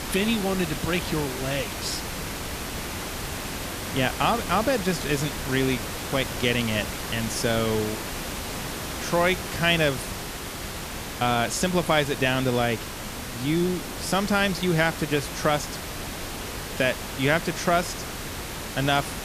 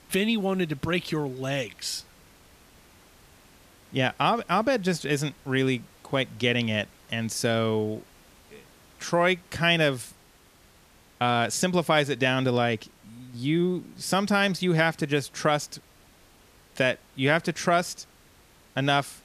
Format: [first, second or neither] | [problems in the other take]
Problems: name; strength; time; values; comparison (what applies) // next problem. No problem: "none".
second | hiss; loud; throughout; 7 dB below the speech; faint in the second